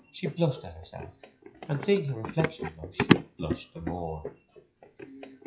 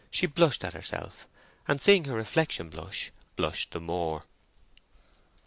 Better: second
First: noise reduction (classical method WPE with log-MMSE)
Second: none

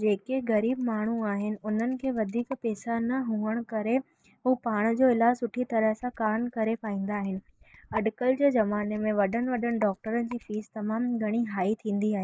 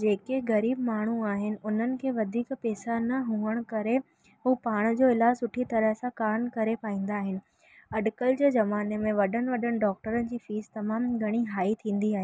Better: second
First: noise reduction (neural mask model Resemble Enhance denoiser)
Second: none

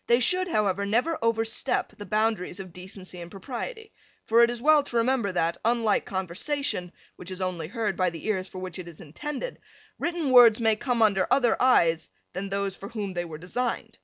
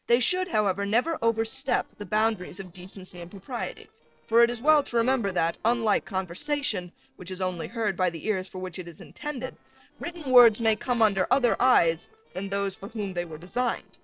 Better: first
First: none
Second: noise reduction (neural separator model SepFormer DNS4)

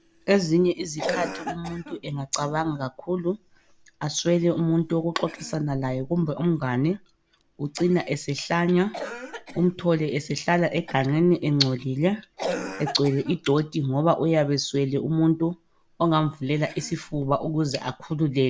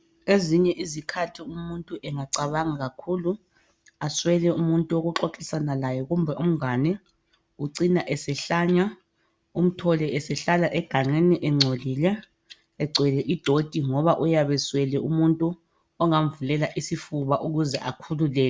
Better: second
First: background sound (Cough); 16 dB below the speech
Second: none

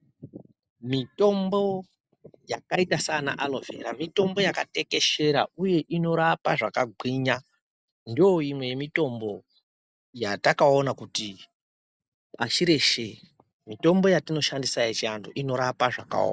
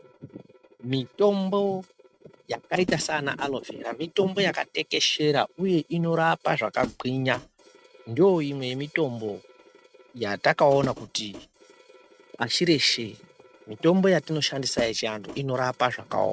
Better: first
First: none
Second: noise reduction (neural mask model RNNoise)

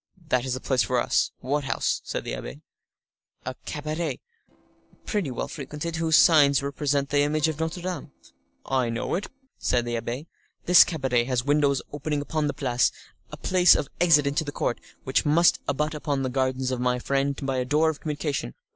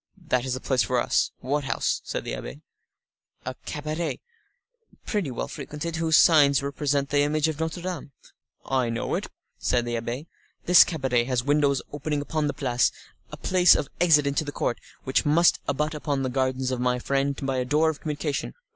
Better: second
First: noise reduction (neural separator model SepFormer DNS4)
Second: none

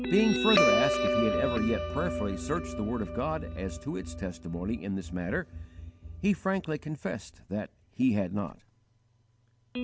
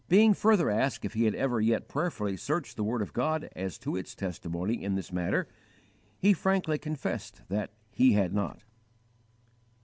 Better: second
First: background sound (Guitar); 2 dB below the speech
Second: none

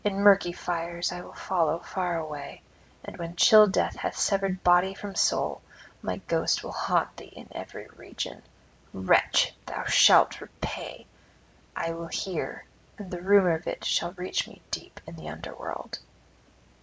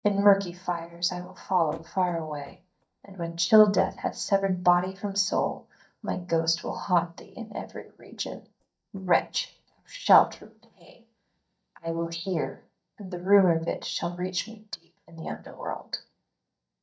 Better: first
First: none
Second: noise reduction (neural mask model DeepFilterNet 3)

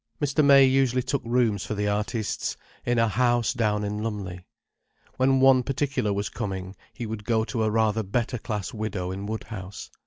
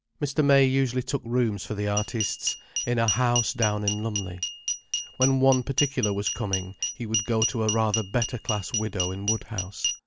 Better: first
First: none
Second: background sound (Glass); 5 dB below the speech

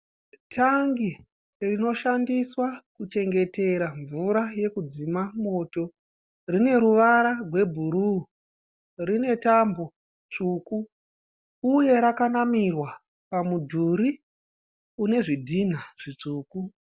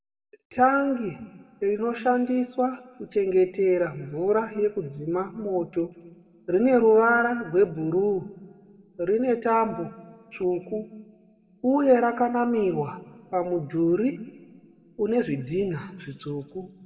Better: first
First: none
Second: room echo; dies away in 0.9 s

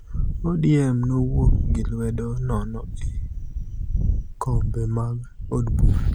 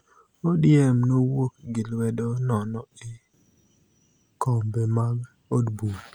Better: second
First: background sound (Wind); 2 dB above the speech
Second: none

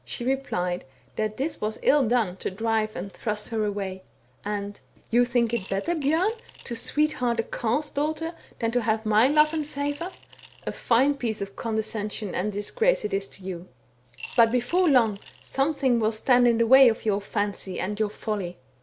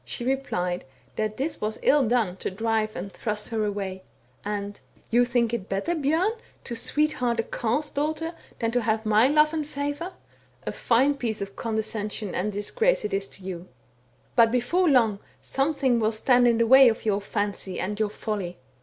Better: second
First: background sound (Coin (dropping) / Glass); 20 dB below the speech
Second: none

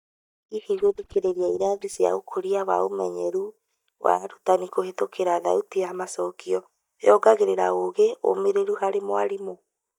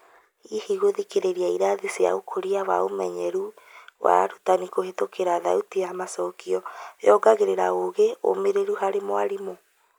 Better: second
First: noise reduction (neural mask model DeepFilterNet 3)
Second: none

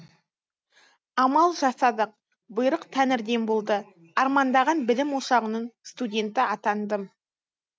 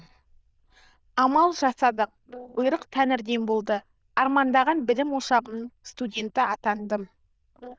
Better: first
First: none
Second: noise reduction (neural diffusion model UNIVERSE++)

